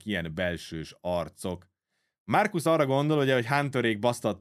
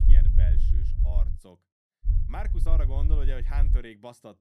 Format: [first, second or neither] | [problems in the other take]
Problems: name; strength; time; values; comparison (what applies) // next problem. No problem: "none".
first | low rumble; loud; until 1.5 s and from 2 to 4 s; 5 dB below the speech